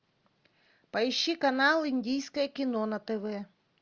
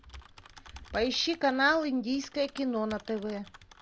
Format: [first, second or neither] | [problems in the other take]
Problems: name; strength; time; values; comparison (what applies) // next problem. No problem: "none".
first | background sound (Typing); 19 dB below the speech